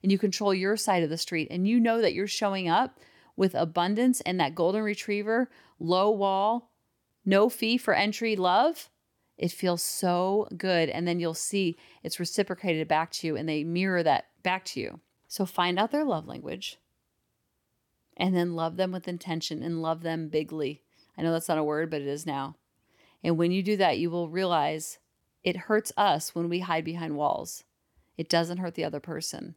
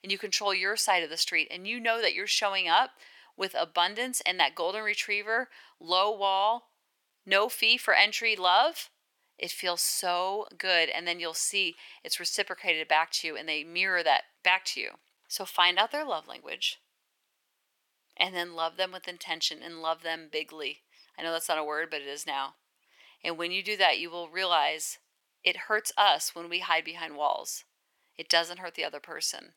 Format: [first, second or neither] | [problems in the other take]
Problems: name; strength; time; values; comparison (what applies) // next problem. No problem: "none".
first | thin; very; fading below 750 Hz